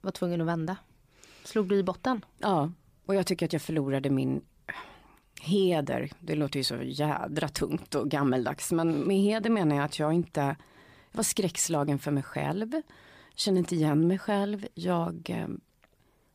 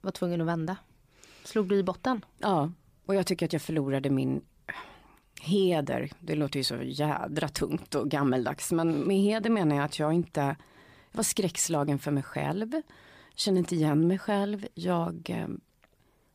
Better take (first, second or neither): neither